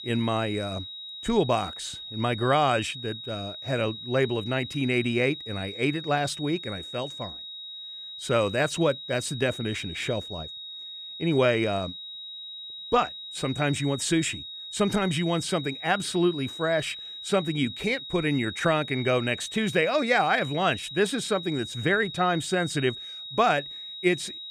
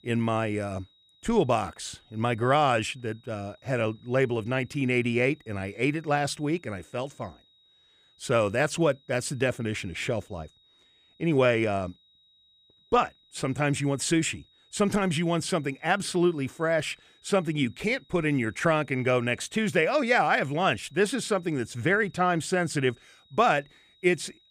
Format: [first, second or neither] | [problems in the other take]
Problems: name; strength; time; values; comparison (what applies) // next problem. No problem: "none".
second | high-pitched whine; loud; throughout; 4 kHz, 10 dB below the speech; faint in the second